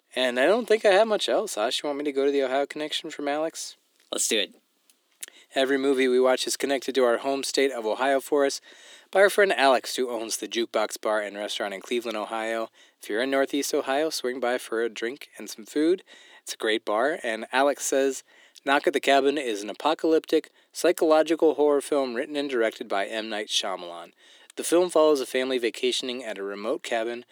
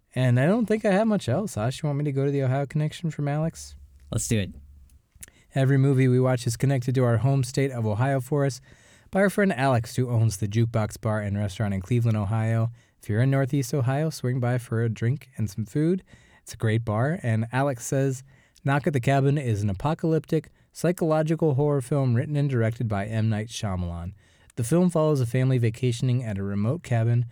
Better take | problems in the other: second | thin; very; fading below 300 Hz

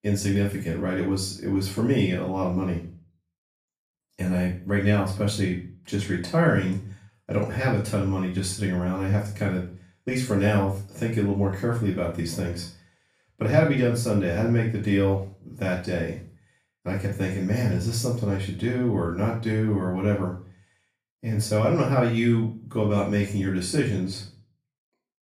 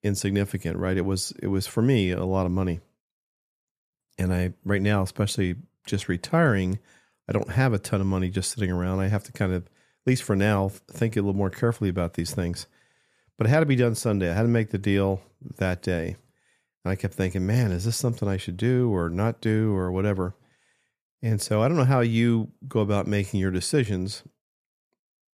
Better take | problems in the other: second | off-mic speech; far // room echo; noticeable; dies away in 0.4 s

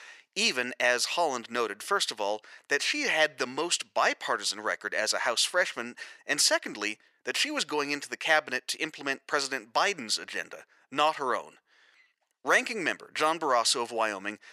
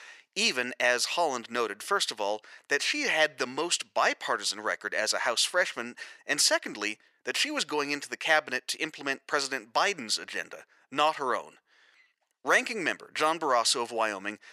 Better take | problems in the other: neither | thin; very; fading below 700 Hz; the same in both

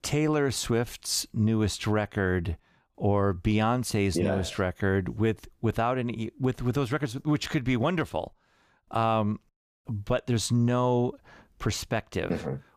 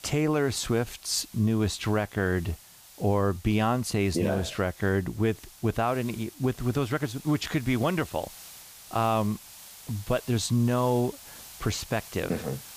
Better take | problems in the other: first | hiss; noticeable; throughout; 20 dB below the speech

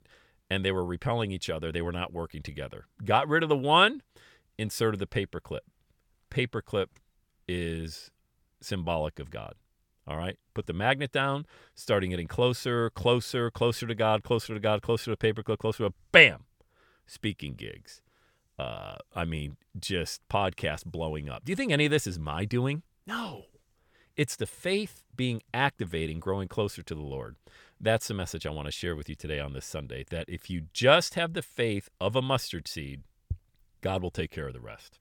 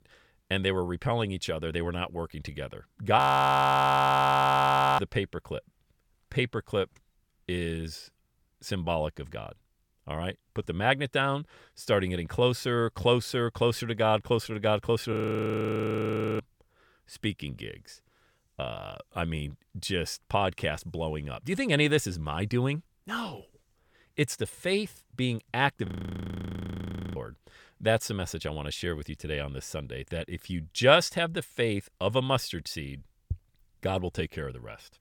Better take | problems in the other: first | audio freezing; at 3 s for 2 s, at 15 s for 1.5 s and at 26 s for 1.5 s

